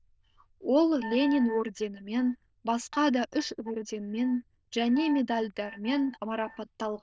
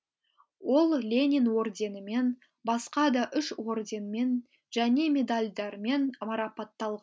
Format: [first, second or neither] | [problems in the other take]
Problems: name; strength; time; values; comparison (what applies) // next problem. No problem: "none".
second | noise reduction (neural diffusion model UNIVERSE++)